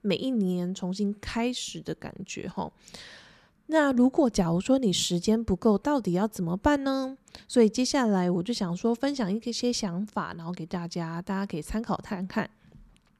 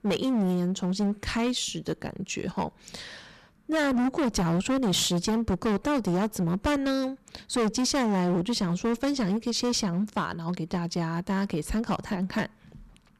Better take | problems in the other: first | distortion; heavy; 17% of the sound clipped

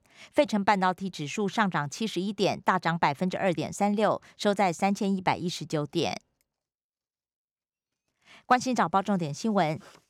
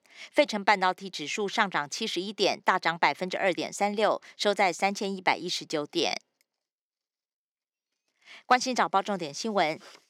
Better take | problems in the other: first | thin; very slightly; fading below 350 Hz

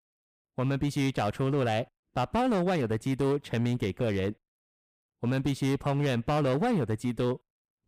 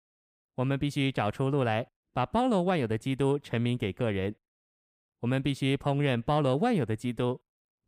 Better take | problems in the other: second | distortion; slight; 9% of the sound clipped

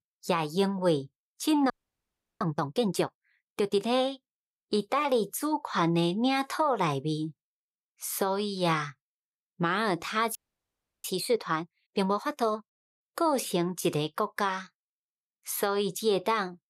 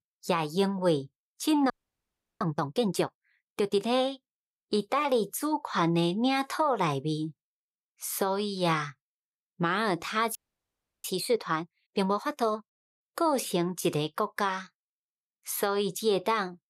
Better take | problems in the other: neither | audio freezing; at 1.5 s for 0.5 s and at 10 s for 0.5 s; the same in both

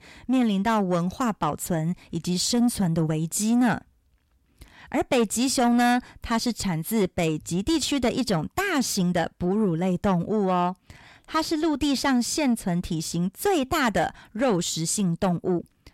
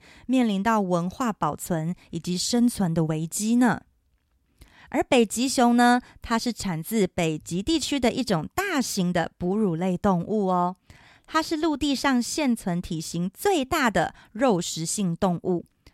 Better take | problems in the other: second | distortion; slight; 10 dB below the speech

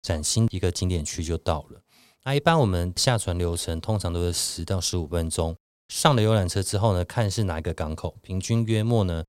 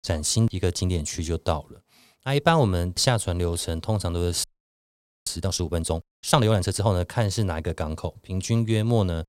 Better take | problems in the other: first | audio freezing; at 4.5 s for 1 s

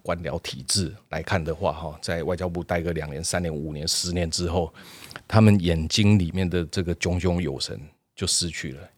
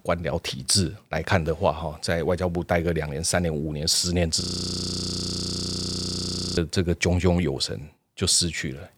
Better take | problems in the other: first | audio freezing; at 4.5 s for 2 s

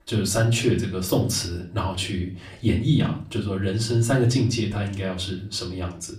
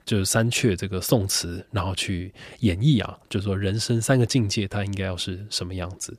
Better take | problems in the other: second | off-mic speech; far // room echo; very slight; dies away in 0.4 s

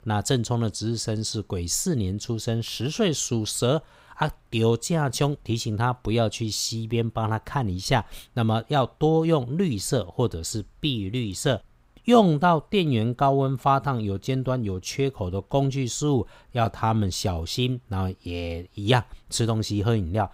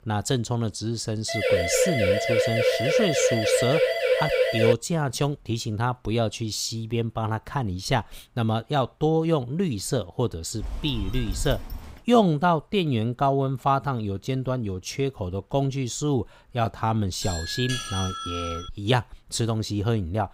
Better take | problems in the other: first | siren; loud; from 1.5 to 4.5 s; peak 4 dB above the speech // phone ringing; noticeable; from 11 to 12 s; peak 8 dB below the speech // doorbell; noticeable; from 17 to 19 s; peak 3 dB below the speech

